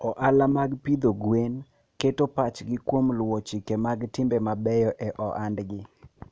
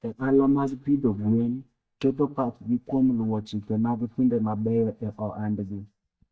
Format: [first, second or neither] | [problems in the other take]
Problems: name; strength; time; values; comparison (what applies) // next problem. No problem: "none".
first | noise reduction (neural mask model DeepFilterNet 3)